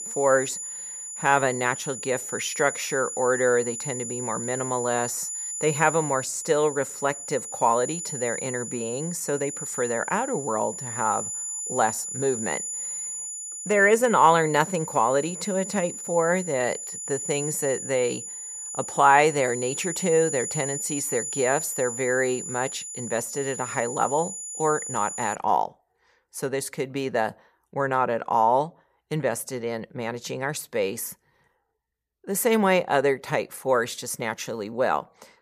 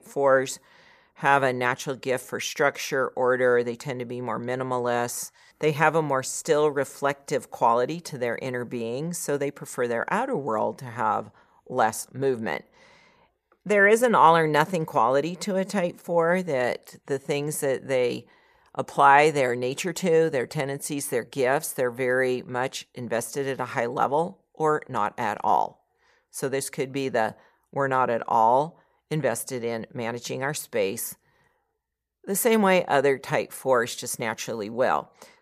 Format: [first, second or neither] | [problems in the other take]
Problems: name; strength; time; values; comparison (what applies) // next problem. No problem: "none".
second | high-pitched whine; loud; until 25 s; 7 kHz, 6 dB below the speech